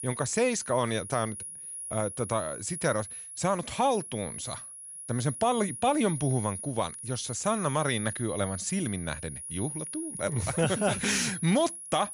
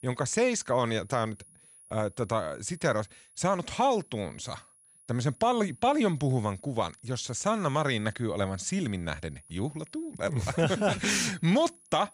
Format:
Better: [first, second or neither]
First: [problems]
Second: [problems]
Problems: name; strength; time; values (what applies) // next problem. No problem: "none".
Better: second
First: high-pitched whine; loud; throughout; 10.5 kHz, 7 dB below the speech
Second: high-pitched whine; faint; throughout; 10.5 kHz, 25 dB below the speech